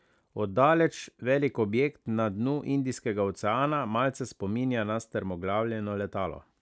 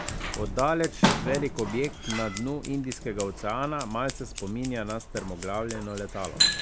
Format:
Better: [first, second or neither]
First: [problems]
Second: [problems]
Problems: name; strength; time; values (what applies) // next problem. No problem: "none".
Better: first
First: none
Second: background sound (Scissors); 1 dB below the speech